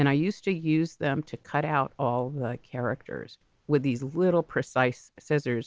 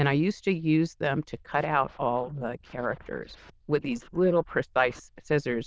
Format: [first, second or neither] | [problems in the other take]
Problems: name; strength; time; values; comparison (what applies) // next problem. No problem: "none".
first | noise reduction (neural diffusion model UNIVERSE++)